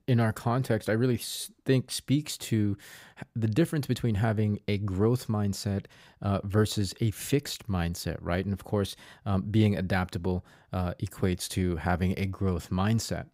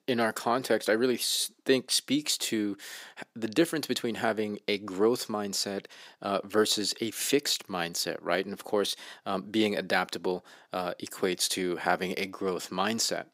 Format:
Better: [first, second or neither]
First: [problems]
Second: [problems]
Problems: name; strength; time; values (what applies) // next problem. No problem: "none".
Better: first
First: none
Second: thin; somewhat; fading below 300 Hz